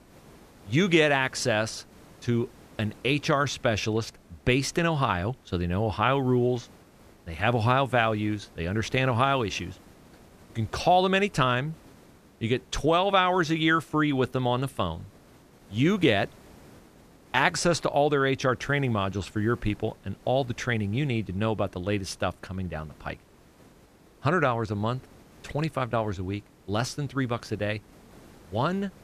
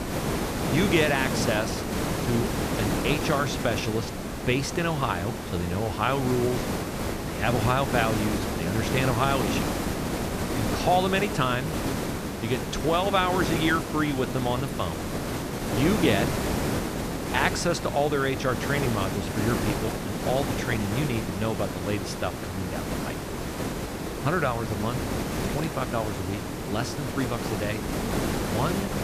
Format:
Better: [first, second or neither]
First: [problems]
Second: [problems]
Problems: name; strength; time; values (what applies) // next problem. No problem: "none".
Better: first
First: hiss; faint; throughout; 25 dB below the speech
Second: hiss; loud; throughout; 2 dB below the speech